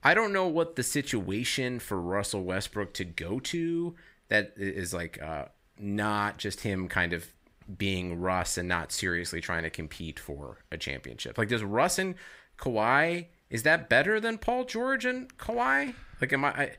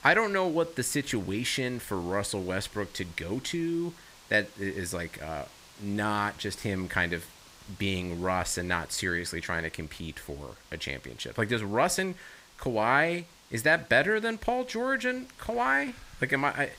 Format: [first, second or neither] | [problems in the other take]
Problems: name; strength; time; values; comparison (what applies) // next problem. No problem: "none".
first | hiss; faint; throughout; 25 dB below the speech